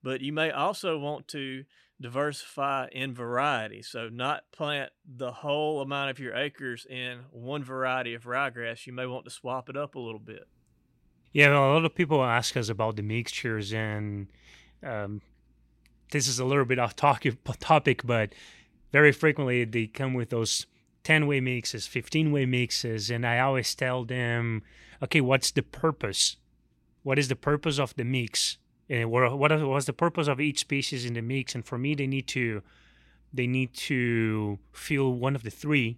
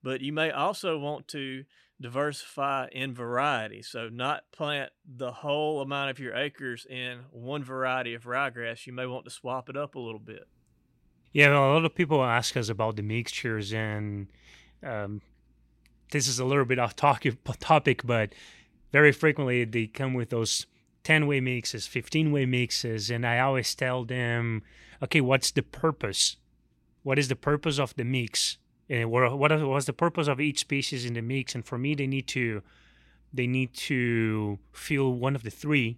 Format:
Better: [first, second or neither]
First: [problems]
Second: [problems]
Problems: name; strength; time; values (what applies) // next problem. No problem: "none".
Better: neither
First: none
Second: none